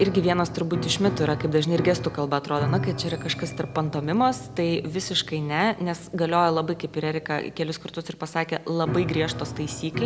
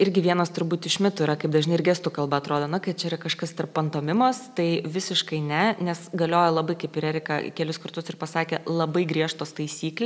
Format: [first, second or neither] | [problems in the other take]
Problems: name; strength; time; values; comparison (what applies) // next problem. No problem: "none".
second | background sound (Piano); 9 dB below the speech